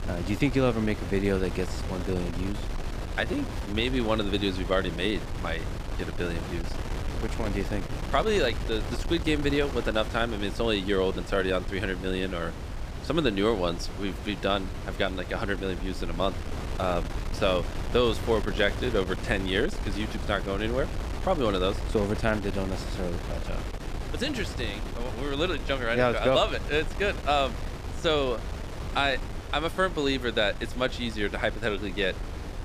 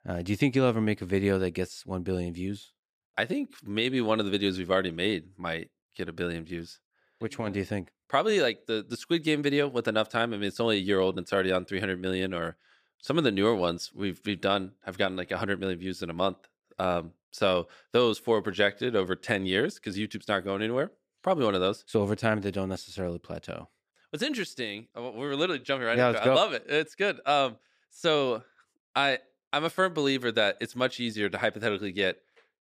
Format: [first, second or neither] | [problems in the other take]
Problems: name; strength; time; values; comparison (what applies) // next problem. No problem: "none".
second | wind noise on the microphone; occasional gusts; 10 dB below the speech